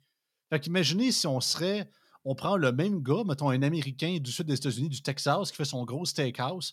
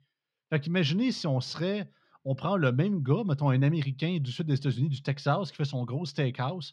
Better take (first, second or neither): first